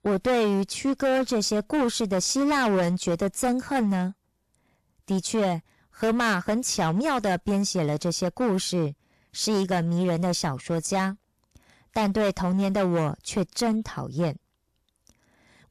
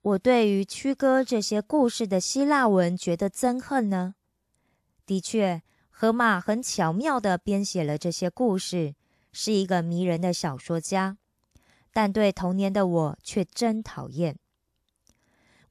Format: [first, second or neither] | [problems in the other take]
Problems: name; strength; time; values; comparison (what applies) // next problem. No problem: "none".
second | distortion; heavy; 13% of the sound clipped